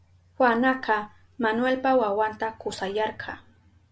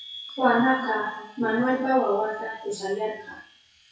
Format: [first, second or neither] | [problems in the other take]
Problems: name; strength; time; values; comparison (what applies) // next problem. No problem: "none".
first | noise reduction (classical method WPE with log-MMSE)